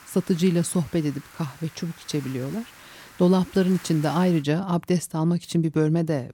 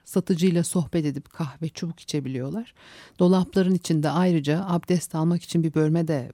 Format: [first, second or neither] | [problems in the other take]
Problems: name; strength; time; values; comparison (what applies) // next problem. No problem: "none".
second | hiss; faint; until 4.5 s; 20 dB below the speech